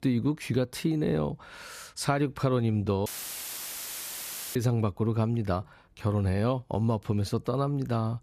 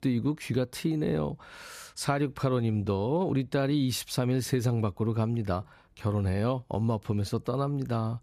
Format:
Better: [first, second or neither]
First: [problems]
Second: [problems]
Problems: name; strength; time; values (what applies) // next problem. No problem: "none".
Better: second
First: audio cutting out; filled with static; at 3 s for 1.5 s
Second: none